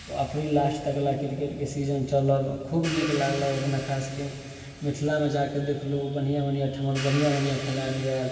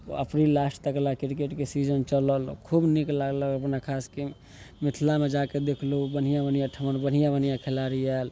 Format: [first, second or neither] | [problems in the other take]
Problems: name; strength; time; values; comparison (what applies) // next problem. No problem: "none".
second | background sound (Hi-hat); 15 dB below the speech // room echo; dies away in 2.6 s